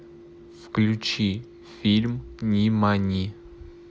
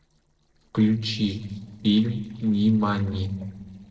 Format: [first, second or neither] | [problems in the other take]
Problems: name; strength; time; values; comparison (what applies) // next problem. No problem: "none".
first | noise reduction (neural separator model SepFormer DNS4)